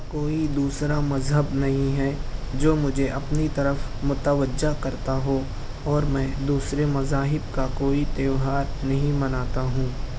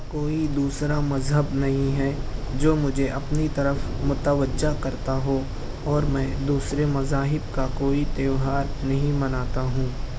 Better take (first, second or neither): first